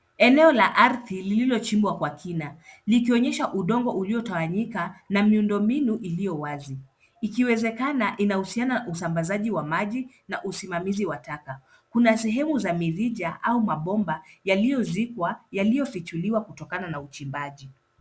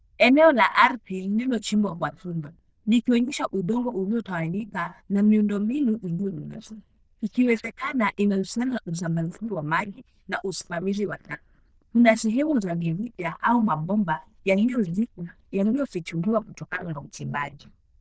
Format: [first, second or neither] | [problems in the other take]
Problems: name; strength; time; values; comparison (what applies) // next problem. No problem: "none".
first | noise reduction (neural diffusion model UNIVERSE++)